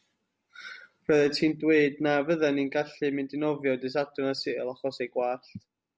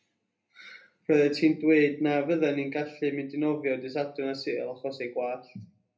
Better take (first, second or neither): first